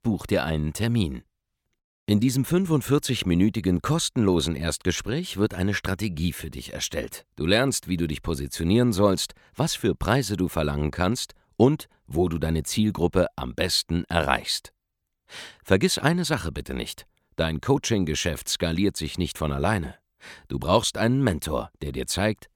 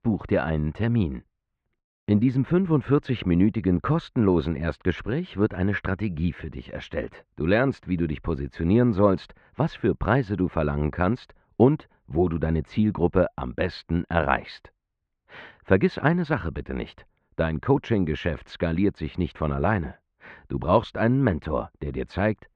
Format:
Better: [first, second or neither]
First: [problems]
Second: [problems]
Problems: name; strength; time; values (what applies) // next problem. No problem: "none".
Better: first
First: none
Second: muffled; very; fading above 2 kHz